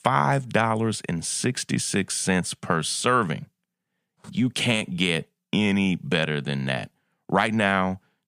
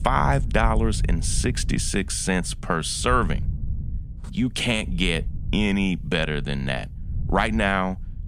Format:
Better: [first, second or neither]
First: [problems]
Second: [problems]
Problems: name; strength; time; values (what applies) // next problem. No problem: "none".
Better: first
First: none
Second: wind noise on the microphone; occasional gusts; 20 dB below the speech